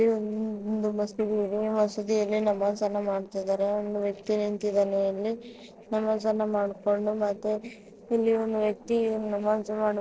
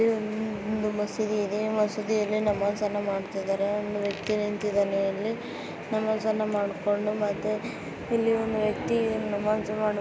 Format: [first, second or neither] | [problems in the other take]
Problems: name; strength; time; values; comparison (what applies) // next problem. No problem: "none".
second | noise reduction (neural separator model SepFormer DNS4)